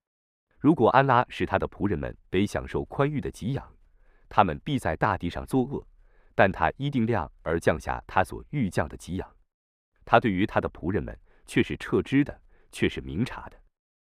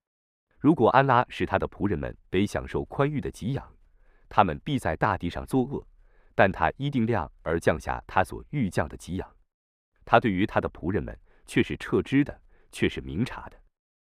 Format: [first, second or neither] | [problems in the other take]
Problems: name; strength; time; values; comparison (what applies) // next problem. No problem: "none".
neither | muffled; slightly; fading above 2.5 kHz; the same in both